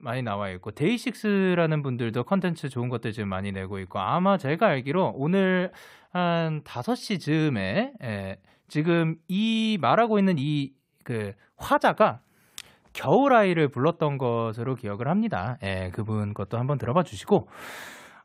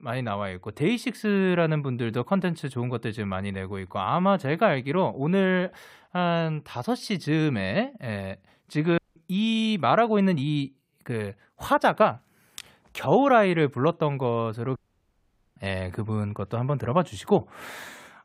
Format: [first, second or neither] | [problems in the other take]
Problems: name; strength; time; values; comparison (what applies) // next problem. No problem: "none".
first | audio cutting out; at 9 s and at 15 s for 1 s